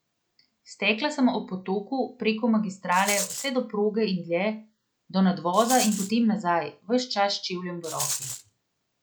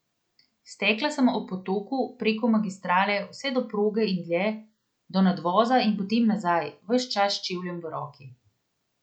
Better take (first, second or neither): second